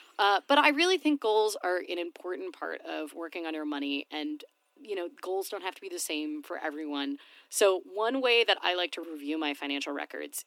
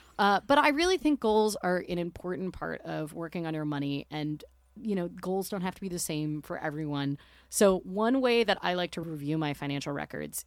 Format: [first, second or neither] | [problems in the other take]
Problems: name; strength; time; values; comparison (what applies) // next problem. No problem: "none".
second | thin; very slightly; fading below 300 Hz